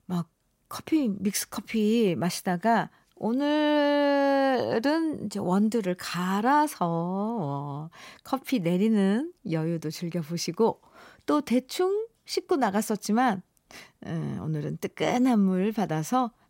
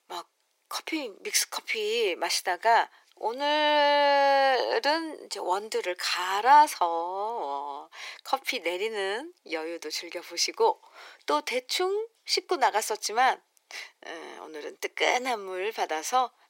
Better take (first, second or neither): first